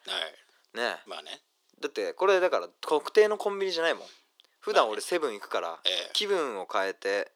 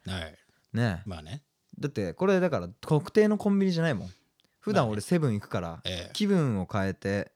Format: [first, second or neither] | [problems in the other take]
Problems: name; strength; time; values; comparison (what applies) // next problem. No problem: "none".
second | thin; very; fading below 350 Hz